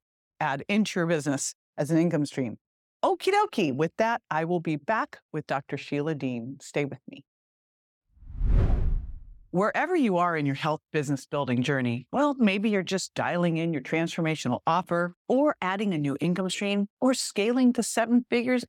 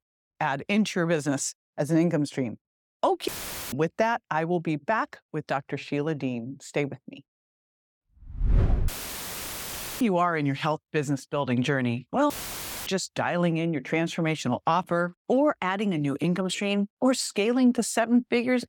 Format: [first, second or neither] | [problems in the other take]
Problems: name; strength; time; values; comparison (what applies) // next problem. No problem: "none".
first | audio cutting out; filled with static; at 3.5 s, at 9 s for 1 s and at 12 s for 0.5 s